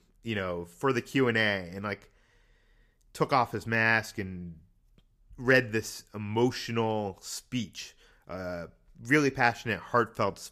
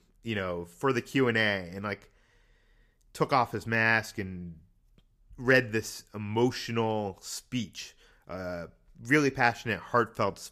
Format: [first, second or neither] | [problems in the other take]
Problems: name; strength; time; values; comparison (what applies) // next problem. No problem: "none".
neither | none